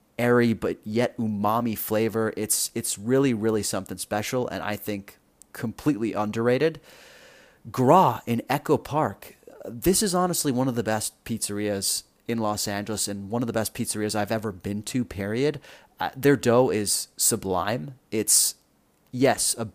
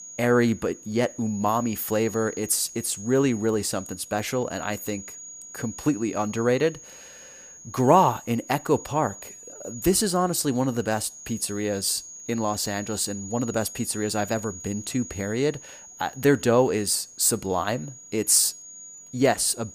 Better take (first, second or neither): first